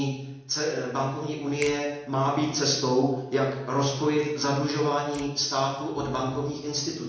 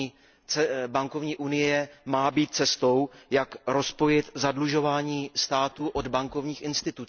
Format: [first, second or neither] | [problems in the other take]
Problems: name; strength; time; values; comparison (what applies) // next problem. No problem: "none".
second | noise reduction (neural separator model SepFormer DNS4)